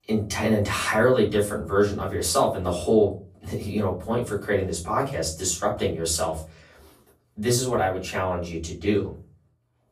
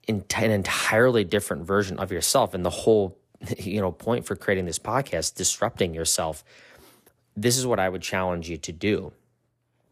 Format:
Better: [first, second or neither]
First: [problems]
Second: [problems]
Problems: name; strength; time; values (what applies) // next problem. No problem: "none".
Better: second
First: off-mic speech; far // room echo; slight; dies away in 0.3 s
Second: none